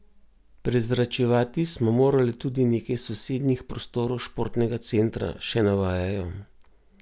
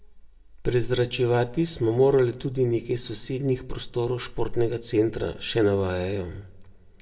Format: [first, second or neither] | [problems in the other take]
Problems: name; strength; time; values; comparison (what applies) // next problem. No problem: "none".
first | room echo; dies away in 0.6 s